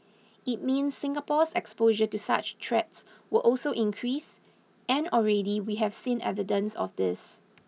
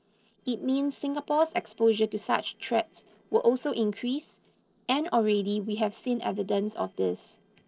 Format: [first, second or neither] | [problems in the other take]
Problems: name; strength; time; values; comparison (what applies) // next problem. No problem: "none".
first | noise reduction (neural separator model SepFormer DNS4)